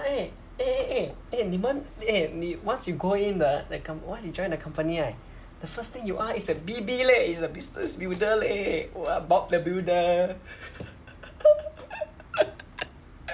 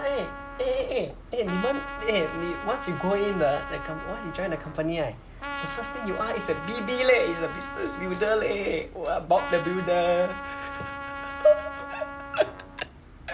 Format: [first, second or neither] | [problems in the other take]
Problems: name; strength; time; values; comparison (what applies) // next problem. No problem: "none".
first | background sound (Trumpet); 9 dB below the speech